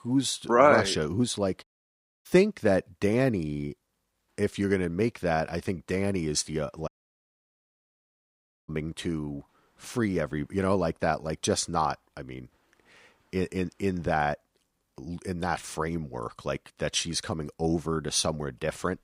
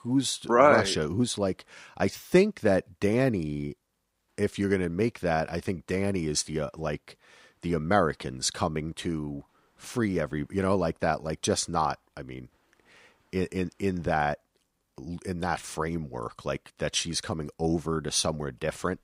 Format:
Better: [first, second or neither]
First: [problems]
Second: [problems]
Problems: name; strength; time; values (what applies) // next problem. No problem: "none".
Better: second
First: audio cutting out; at 1.5 s for 0.5 s and at 7 s for 2 s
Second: none